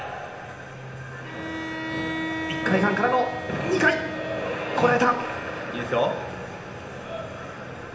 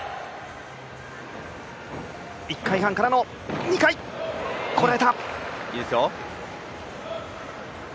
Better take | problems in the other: second | background sound (Bowed string instrument); 9 dB below the speech // room echo; dies away in 0.8 s

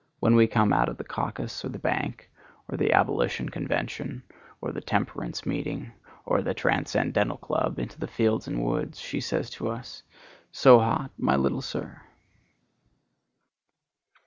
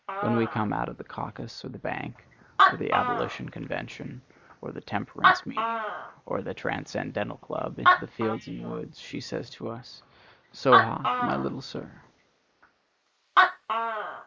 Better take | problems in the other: first | noise reduction (neural mask model Resemble Enhance denoiser)

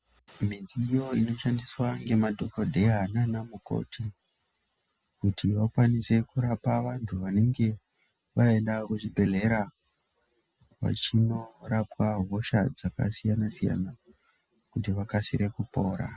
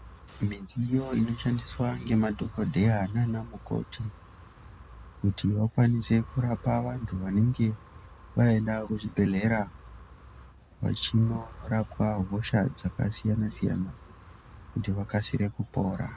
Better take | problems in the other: first | background sound (Wind); 18 dB below the speech

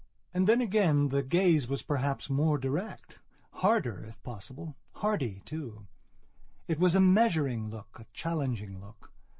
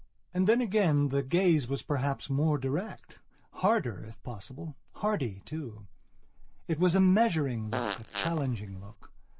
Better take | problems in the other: first | background sound (Fart); 8 dB below the speech

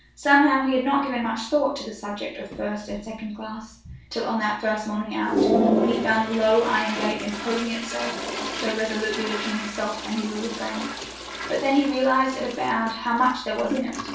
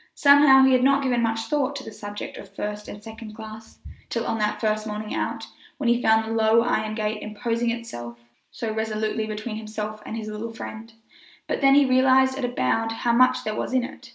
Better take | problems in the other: second | background sound (Toilet flush); 5 dB below the speech // room echo; dies away in 0.3 s

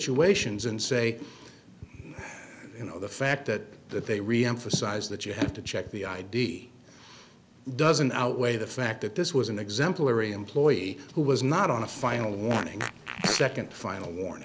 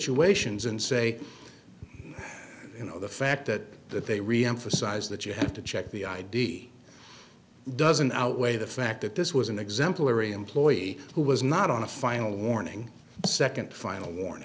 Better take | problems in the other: second | background sound (Fart); 8 dB below the speech

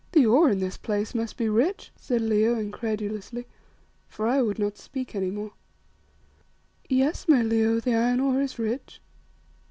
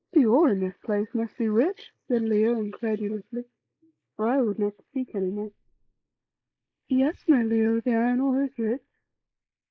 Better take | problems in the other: first | noise reduction (neural mask model Resemble Enhance denoiser)

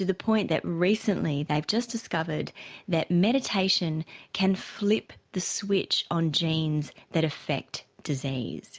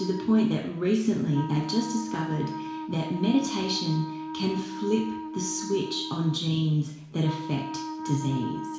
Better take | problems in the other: first | background sound (Wind instrument, woodwind instrument); 9 dB below the speech // room echo; dies away in 0.7 s

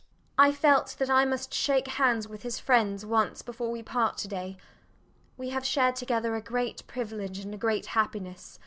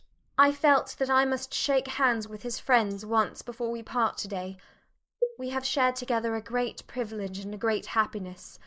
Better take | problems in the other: first | noise reduction (neural mask model Resemble Enhance denoiser)

